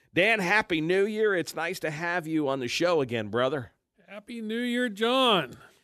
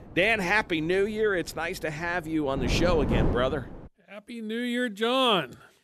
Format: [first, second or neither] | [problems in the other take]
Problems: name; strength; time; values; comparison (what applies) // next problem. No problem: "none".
first | wind noise on the microphone; heavy; until 4 s; 8 dB below the speech